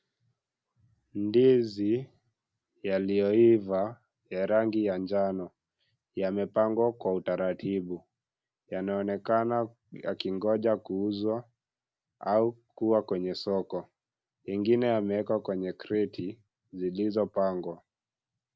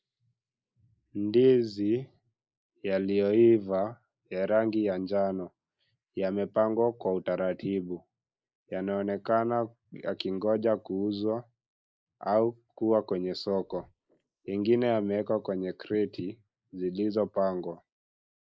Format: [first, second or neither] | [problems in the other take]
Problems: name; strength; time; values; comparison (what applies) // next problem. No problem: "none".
first | noise reduction (neural mask model Resemble Enhance denoiser)